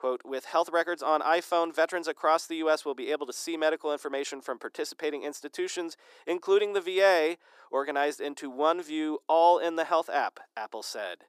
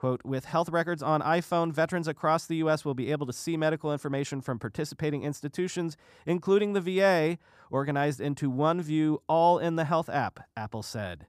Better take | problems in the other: second | thin; very; fading below 350 Hz

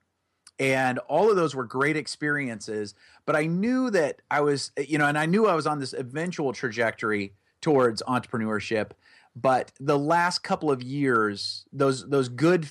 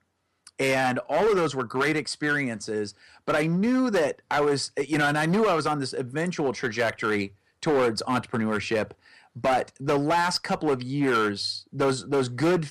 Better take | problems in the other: first | distortion; slight; 9% of the sound clipped

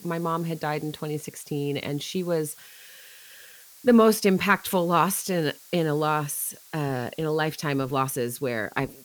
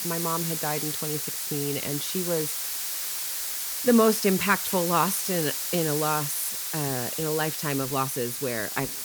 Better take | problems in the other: first | hiss; loud; throughout; 1 dB below the speech; faint in the first

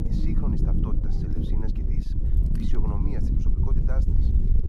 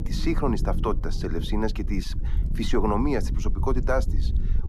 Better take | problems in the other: second | wind noise on the microphone; heavy; 4 dB above the speech; occasional gusts in the second

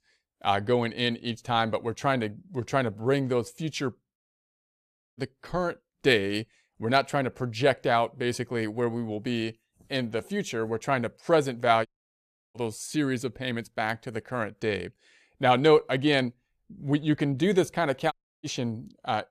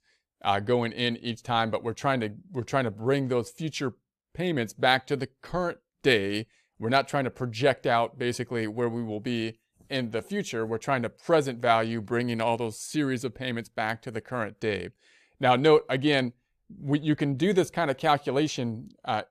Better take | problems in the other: second | audio cutting out; at 4 s for 1 s, at 12 s for 0.5 s and at 18 s

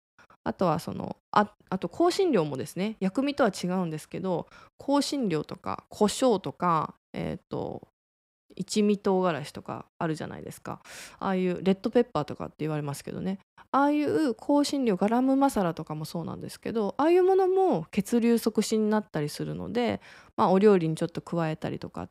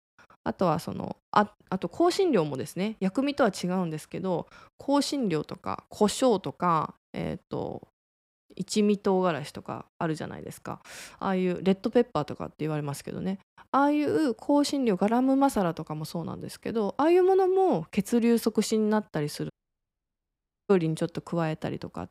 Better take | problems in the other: first | audio cutting out; at 20 s for 1 s

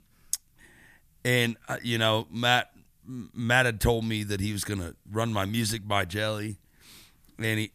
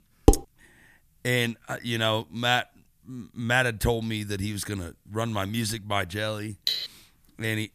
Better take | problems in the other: first | clattering dishes; loud; at 0.5 s and at 6.5 s; peak 5 dB above the speech

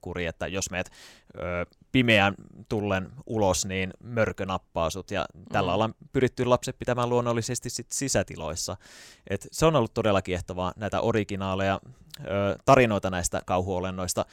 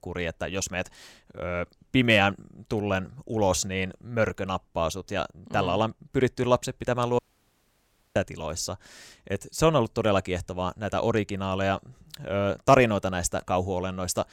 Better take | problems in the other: first | audio cutting out; at 7 s for 1 s

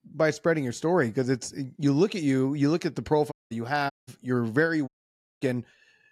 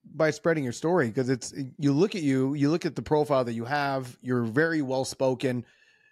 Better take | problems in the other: second | audio cutting out; at 3.5 s, at 4 s and at 5 s for 0.5 s

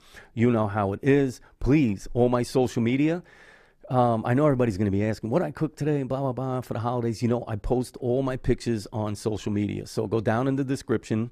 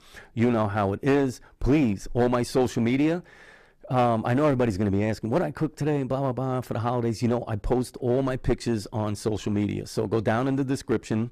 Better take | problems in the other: first | distortion; slight; 7% of the sound clipped

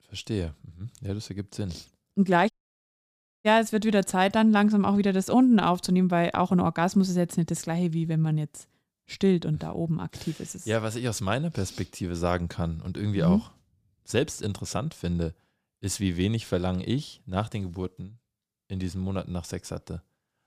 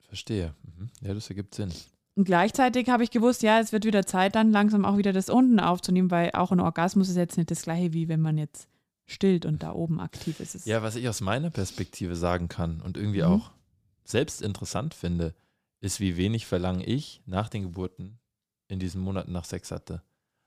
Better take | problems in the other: second | audio cutting out; at 2.5 s for 1 s

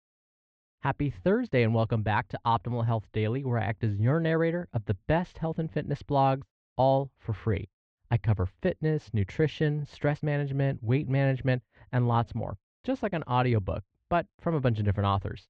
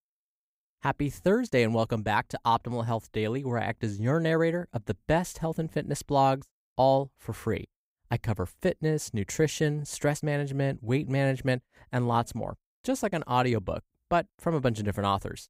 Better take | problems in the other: second | muffled; slightly; fading above 3.5 kHz

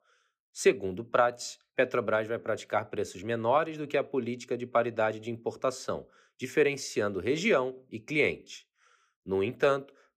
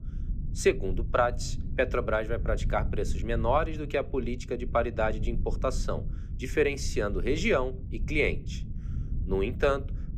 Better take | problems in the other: first | low rumble; faint; throughout; 20 dB below the speech

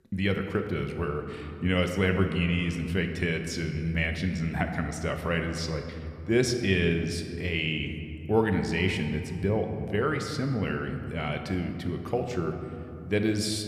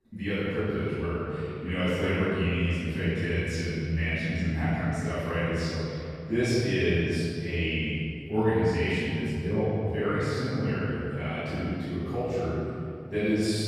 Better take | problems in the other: first | room echo; strong; dies away in 2.7 s; slight in the first // off-mic speech; far

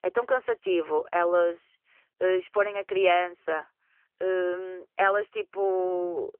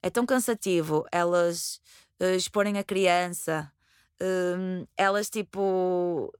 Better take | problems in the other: second | phone-call audio; nothing above 3 kHz

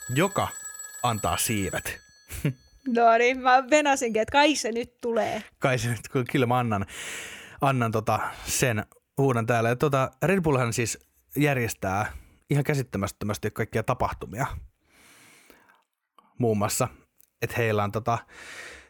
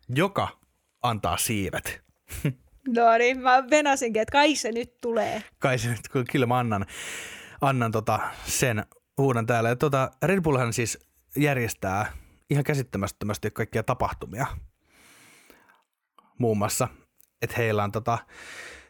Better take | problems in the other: second | alarms or sirens; noticeable; until 4 s; 10 dB below the speech

